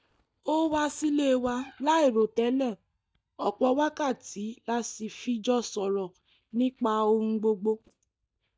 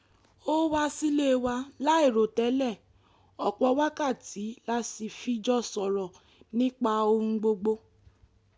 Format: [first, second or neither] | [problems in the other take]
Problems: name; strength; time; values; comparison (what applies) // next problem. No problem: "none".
second | noise reduction (neural mask model DeepFilterNet 3)